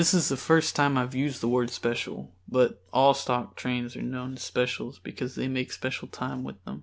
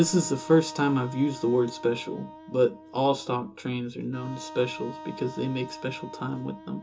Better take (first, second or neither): first